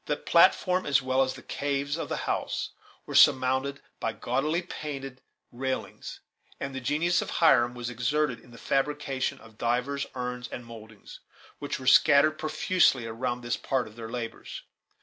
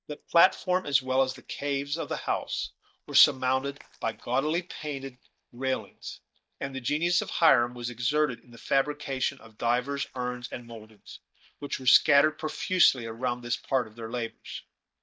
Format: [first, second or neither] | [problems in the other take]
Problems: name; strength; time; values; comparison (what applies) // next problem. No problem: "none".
first | noise reduction (neural mask model DeepFilterNet 3)